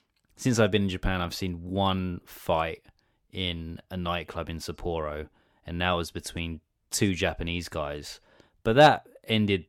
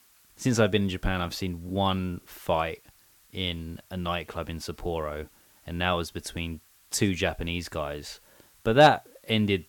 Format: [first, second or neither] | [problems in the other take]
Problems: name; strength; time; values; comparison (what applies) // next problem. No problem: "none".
first | hiss; faint; throughout; 30 dB below the speech